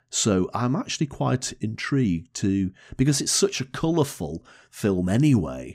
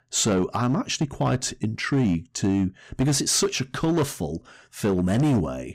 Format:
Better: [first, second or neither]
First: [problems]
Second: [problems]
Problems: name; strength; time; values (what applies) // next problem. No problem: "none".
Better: first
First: none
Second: distortion; slight; 9% of the sound clipped